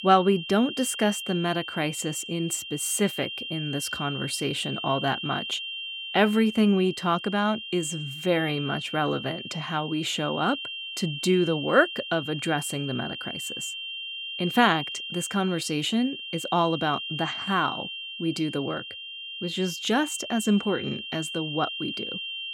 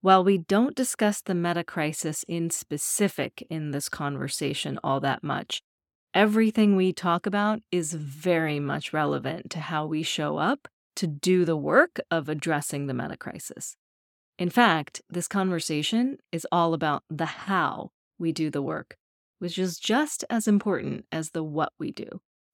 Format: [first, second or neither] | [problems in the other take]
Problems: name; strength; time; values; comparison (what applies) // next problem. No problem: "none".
second | high-pitched whine; loud; throughout; 3 kHz, 7 dB below the speech